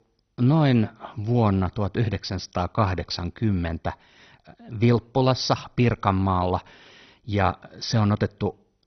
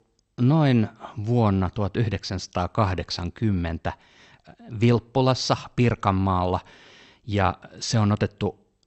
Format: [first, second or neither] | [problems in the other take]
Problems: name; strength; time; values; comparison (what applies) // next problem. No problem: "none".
second | garbled, watery; badly; nothing above 6 kHz; slightly in the second